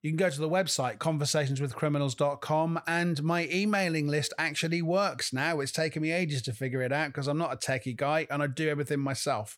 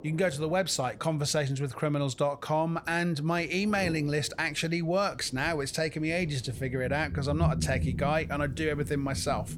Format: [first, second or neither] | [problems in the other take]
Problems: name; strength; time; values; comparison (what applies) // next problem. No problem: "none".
first | rain or running water; loud; throughout; 7 dB below the speech